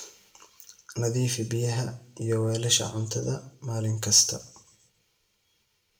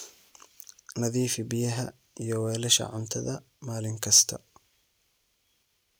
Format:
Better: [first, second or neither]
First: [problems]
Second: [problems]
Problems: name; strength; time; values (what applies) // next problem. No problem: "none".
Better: second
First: room echo; dies away in 0.5 s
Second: none